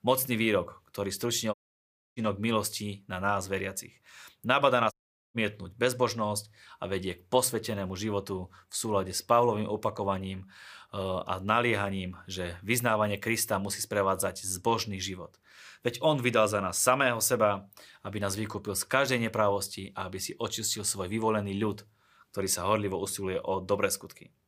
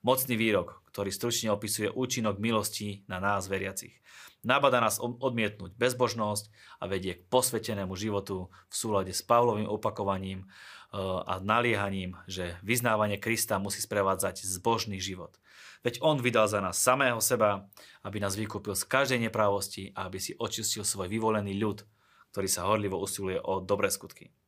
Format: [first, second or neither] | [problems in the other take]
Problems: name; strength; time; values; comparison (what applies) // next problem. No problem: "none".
second | audio cutting out; at 1.5 s for 0.5 s and at 5 s